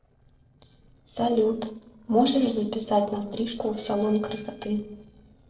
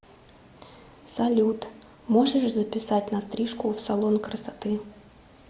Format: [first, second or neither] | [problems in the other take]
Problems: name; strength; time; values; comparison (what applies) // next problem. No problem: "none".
second | noise reduction (neural separator model SepFormer DNS4)